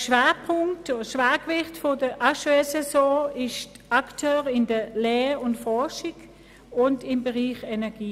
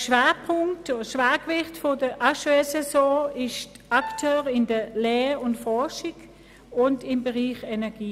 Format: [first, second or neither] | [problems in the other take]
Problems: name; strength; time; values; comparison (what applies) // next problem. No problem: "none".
first | background sound (Piano); 16 dB below the speech